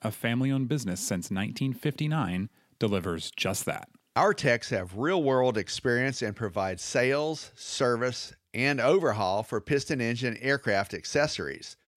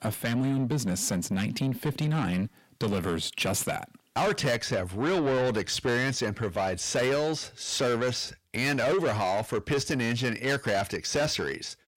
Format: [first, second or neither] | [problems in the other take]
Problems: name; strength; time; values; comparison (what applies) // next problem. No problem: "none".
first | distortion; heavy; 7 dB below the speech